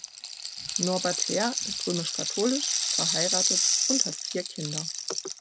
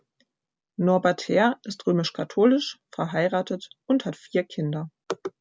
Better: second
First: background sound (Rattle (instrument)); 3 dB above the speech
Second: none

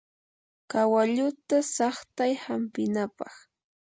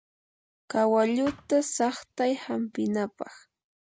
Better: first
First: none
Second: background sound (Thump, thud); 15 dB below the speech

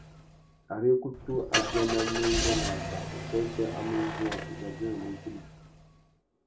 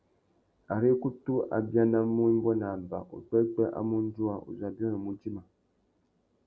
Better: second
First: background sound (Engine starting / Car); 3 dB below the speech // room echo; dies away in 0.2 s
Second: none

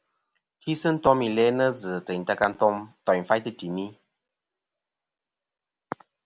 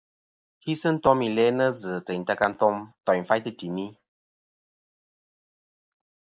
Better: first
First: none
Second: noise reduction (neural mask model Resemble Enhance denoiser)

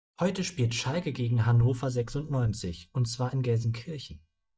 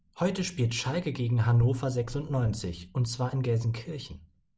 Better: second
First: noise reduction (neural mask model DeepFilterNet 3)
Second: none

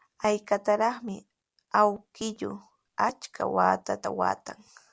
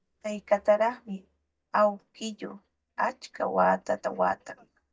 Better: first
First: none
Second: noise reduction (neural mask model DeepFilterNet 3)

